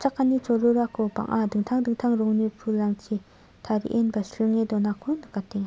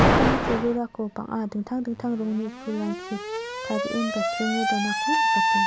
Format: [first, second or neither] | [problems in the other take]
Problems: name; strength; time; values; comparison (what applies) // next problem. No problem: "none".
first | background sound (Alarm); 3 dB above the speech